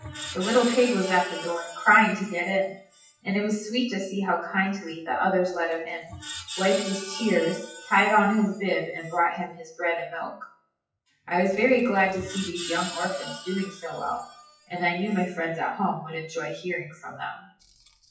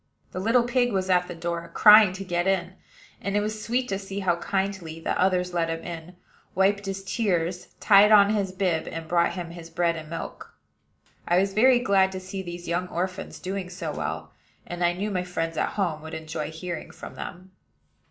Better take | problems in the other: second | noise reduction (classical method WPE with log-MMSE)

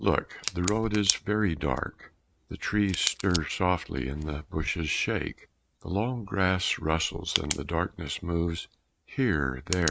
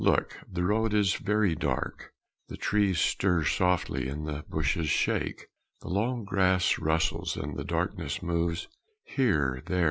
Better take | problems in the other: second | noise reduction (neural mask model RNNoise)

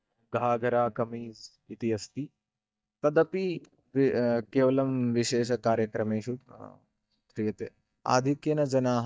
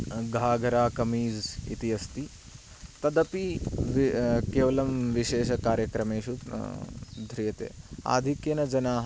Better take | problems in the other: second | noise reduction (neural mask model DeepFilterNet 3)

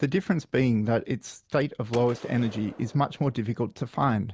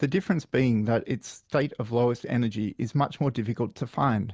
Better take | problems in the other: second | background sound (Gunshot, gunfire); 19 dB below the speech

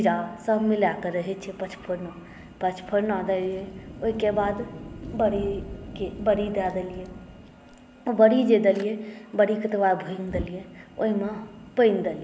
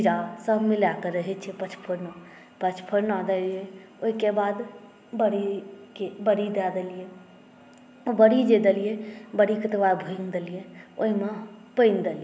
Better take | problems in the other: second | background sound (Fire); 16 dB below the speech

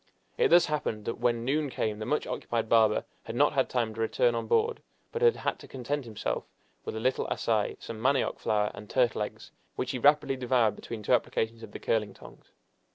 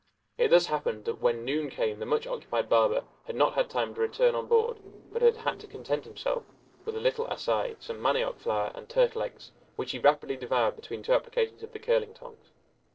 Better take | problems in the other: first | noise reduction (neural separator model SepFormer DNS4)

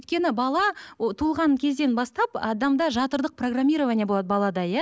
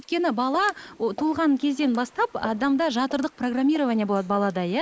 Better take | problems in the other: first | noise reduction (neural mask model Resemble Enhance denoiser)

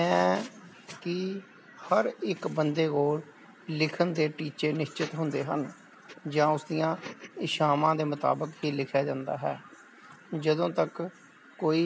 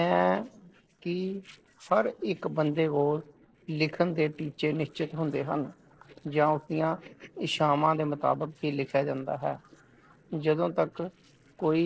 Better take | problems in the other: first | noise reduction (neural separator model SepFormer DNS4)

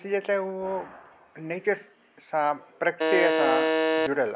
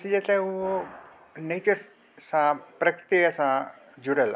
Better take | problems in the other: second | background sound (Alarm); 4 dB above the speech

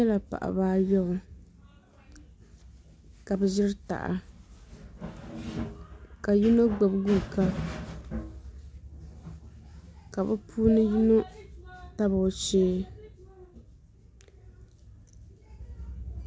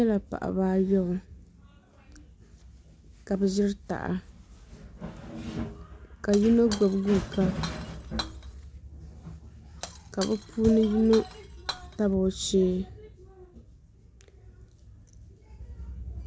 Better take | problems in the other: first | background sound (Shatter); 13 dB below the speech

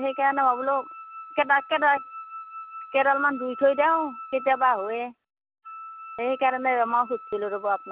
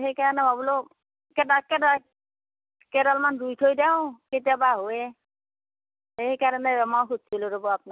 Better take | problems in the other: second | background sound (Wind instrument, woodwind instrument); 15 dB below the speech

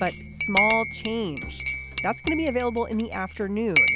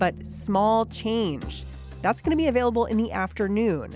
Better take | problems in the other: second | background sound (Cutlery, silverware / Dishes, pots, and pans / Chink, clink); 1 dB below the speech

